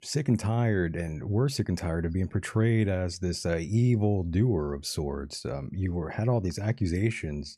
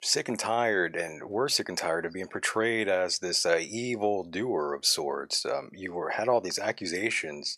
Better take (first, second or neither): first